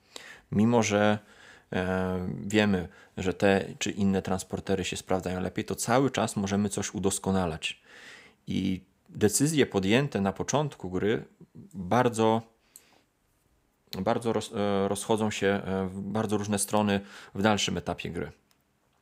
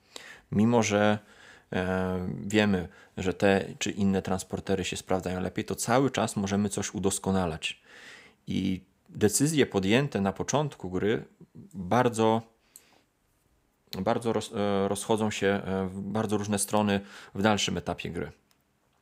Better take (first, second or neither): neither